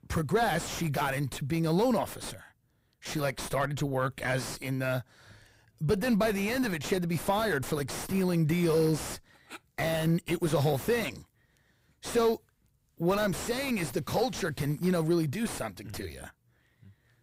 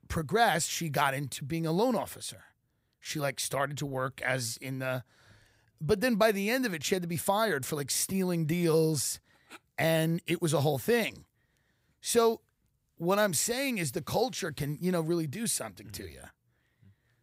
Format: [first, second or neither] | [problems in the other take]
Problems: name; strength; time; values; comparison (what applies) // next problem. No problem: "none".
second | distortion; heavy; 5 dB below the speech